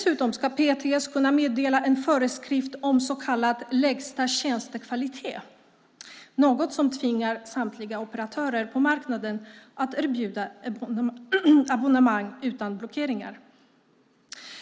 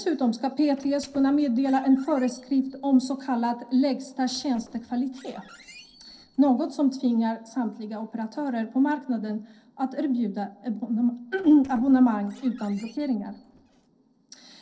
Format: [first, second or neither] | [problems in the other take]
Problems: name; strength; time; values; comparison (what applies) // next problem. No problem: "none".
first | noise reduction (neural separator model SepFormer DNS4)